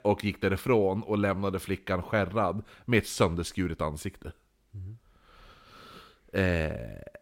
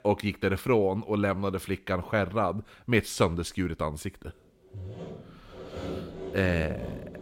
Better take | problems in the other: first | machinery noise; noticeable; from 5 s on; 10 dB below the speech

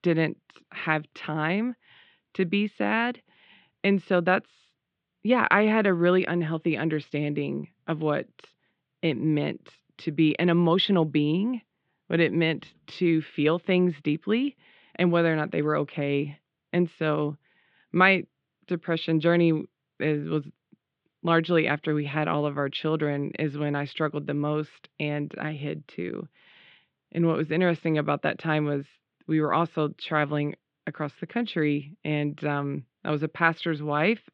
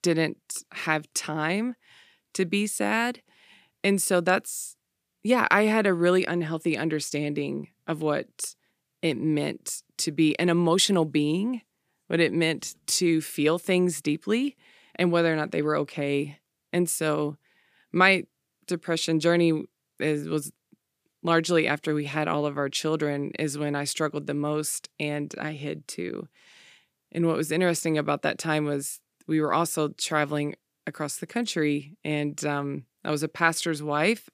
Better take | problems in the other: second | muffled; very; fading above 3.5 kHz

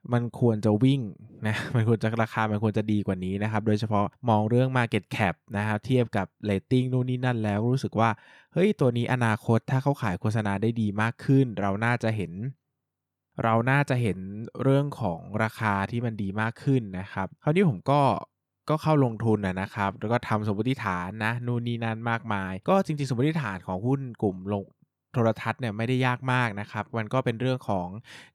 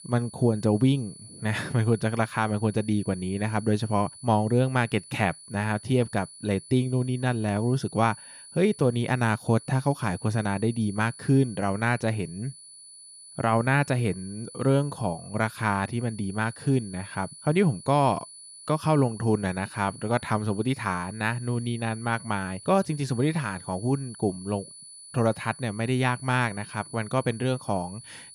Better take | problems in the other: first | high-pitched whine; noticeable; throughout; 10 kHz, 15 dB below the speech

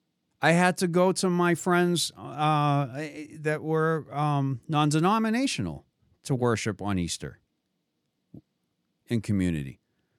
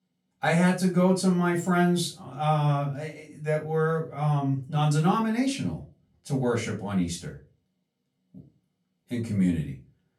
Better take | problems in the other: first | room echo; slight; dies away in 0.3 s // off-mic speech; far

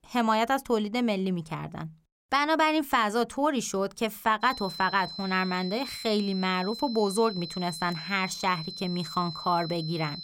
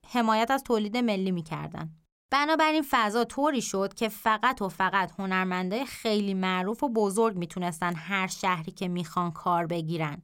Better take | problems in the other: second | high-pitched whine; loud; from 4.5 s on; 4 kHz, 10 dB below the speech

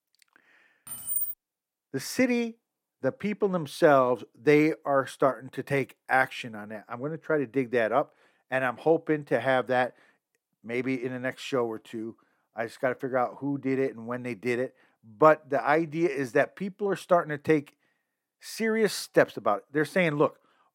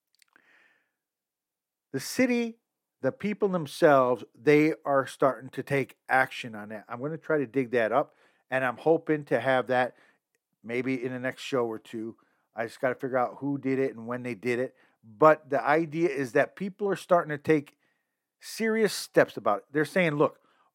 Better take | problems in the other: second | jangling keys; noticeable; at 1 s; peak level with the speech

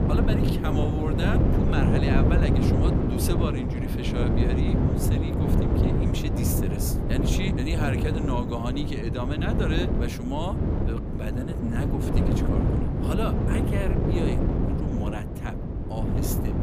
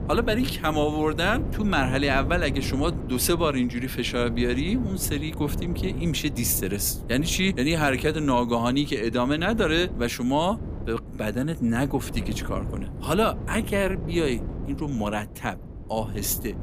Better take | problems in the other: second | wind noise on the microphone; heavy; 2 dB above the speech; occasional gusts in the second

